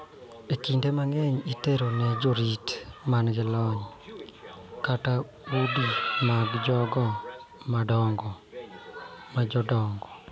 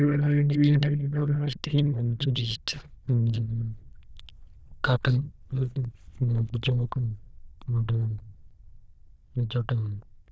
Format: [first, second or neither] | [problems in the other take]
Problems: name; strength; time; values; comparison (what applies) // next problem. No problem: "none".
first | noise reduction (neural diffusion model UNIVERSE++)